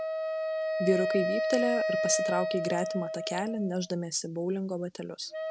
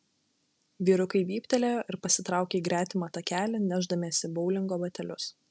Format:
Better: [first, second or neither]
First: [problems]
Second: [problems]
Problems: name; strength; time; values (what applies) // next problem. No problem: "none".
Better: second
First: background sound (Wind instrument, woodwind instrument); as loud as the speech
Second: none